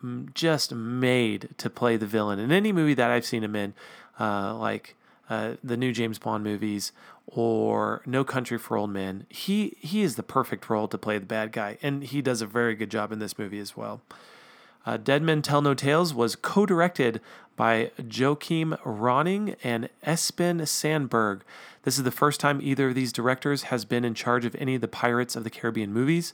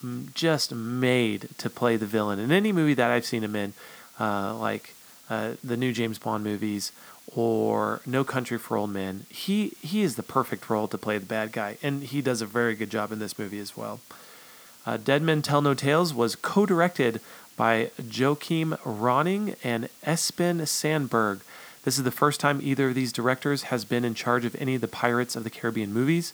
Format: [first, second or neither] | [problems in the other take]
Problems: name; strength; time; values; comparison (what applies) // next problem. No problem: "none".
first | hiss; faint; throughout; 20 dB below the speech